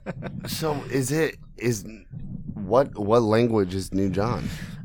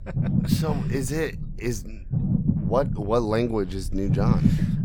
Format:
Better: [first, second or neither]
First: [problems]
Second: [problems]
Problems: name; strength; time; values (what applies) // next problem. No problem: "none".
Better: first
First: low rumble; faint; throughout; 20 dB below the speech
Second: low rumble; loud; throughout; 5 dB below the speech